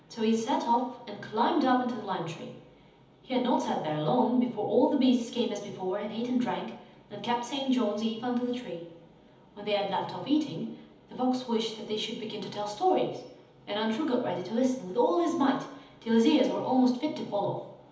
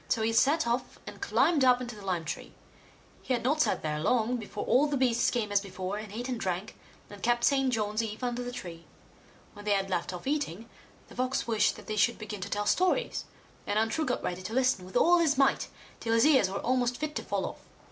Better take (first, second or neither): second